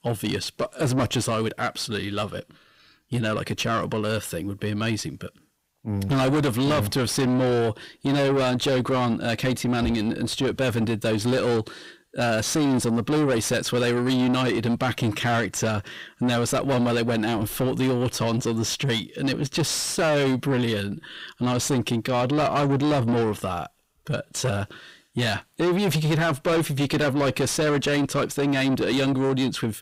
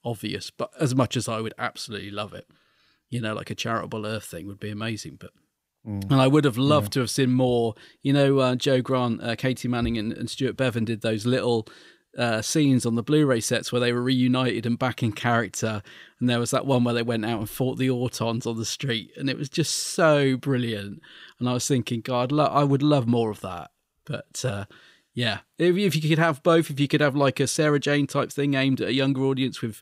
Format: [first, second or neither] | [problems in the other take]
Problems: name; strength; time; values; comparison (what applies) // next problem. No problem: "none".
second | distortion; heavy; 6 dB below the speech